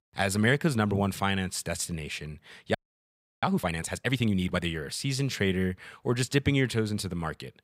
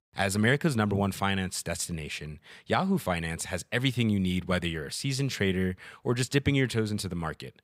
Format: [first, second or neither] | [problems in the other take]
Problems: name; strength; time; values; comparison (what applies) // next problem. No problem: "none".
second | audio freezing; at 3 s for 0.5 s